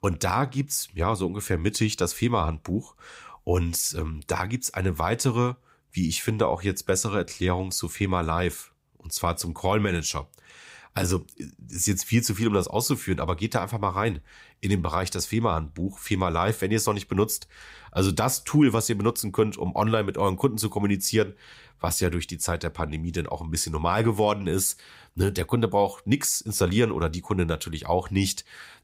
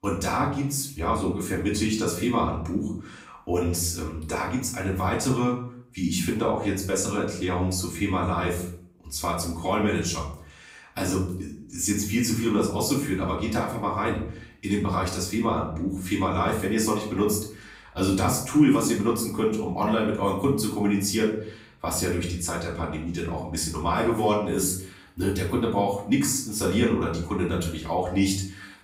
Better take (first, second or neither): first